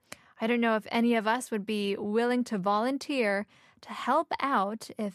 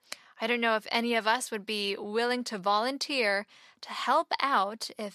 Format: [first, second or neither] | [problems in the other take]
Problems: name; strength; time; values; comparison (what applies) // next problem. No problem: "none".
first | thin; very slightly; fading below 650 Hz